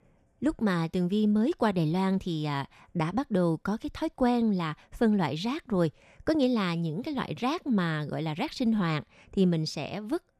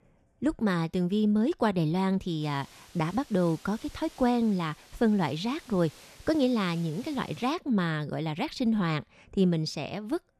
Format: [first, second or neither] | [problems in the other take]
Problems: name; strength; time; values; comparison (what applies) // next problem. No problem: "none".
first | hiss; faint; from 2.5 to 7.5 s; 25 dB below the speech